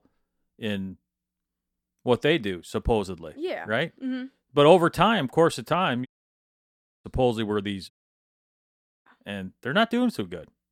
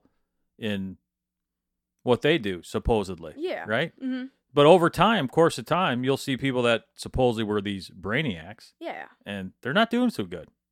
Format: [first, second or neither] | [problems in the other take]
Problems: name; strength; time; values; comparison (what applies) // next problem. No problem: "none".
second | audio cutting out; at 6 s for 1 s and at 8 s for 1 s